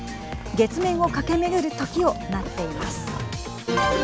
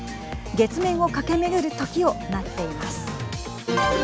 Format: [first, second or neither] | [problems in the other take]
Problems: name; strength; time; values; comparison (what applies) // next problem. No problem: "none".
second | background sound (Livestock, farm animals, working animals); 16 dB below the speech